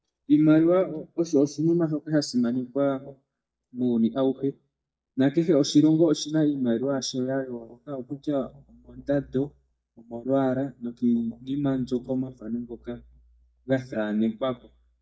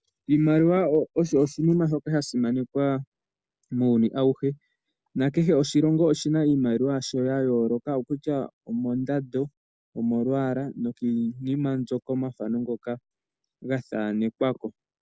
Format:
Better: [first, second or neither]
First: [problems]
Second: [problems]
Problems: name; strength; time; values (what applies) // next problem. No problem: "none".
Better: second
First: noise reduction (neural mask model DeepFilterNet 3)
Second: none